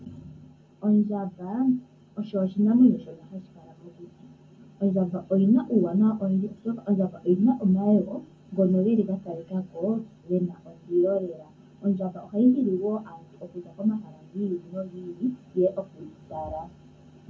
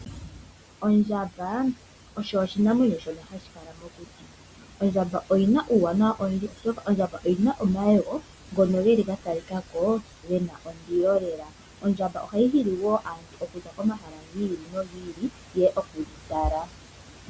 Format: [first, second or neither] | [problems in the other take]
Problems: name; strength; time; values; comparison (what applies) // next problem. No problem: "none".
second | room echo; dies away in 0.3 s